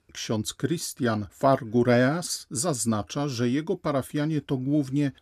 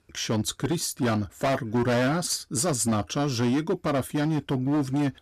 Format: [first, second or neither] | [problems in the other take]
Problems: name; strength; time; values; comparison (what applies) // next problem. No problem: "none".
first | distortion; heavy; 17% of the sound clipped